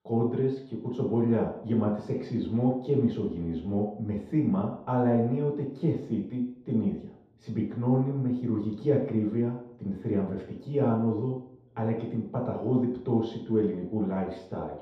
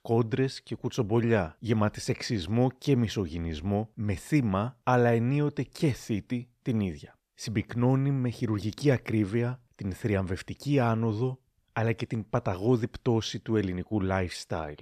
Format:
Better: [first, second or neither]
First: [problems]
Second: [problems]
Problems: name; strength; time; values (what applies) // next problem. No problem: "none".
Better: second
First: room echo; noticeable; dies away in 0.8 s // off-mic speech; far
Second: none